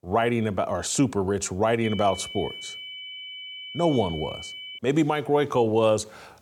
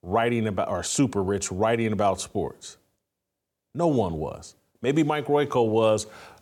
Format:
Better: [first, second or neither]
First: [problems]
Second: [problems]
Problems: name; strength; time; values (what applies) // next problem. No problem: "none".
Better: second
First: high-pitched whine; noticeable; from 2 to 5 s; 3 kHz, 10 dB below the speech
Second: none